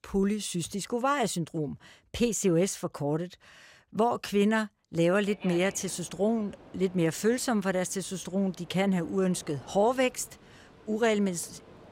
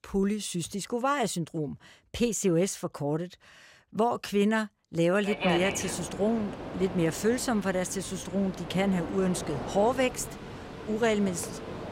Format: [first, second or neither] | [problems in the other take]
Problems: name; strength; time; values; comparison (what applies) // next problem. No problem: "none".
first | train or aircraft noise; loud; from 5.5 s on; 9 dB below the speech; faint in the first